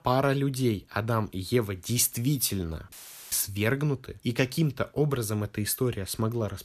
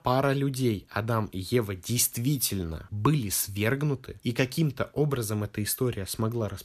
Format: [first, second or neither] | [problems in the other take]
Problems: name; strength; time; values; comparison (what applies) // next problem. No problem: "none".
second | audio cutting out; filled with static; at 3 s